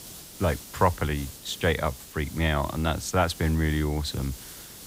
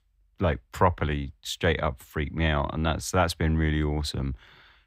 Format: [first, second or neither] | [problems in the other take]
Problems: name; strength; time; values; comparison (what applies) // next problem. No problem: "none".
second | hiss; noticeable; throughout; 15 dB below the speech